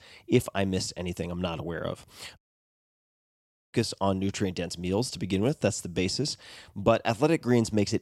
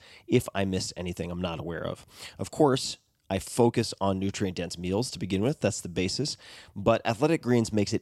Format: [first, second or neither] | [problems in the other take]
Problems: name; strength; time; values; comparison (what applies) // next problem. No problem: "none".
second | audio cutting out; at 2.5 s for 1.5 s